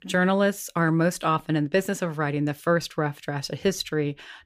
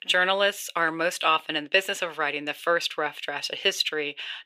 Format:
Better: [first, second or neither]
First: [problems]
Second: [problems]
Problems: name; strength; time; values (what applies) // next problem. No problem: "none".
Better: first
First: none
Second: thin; very; fading below 550 Hz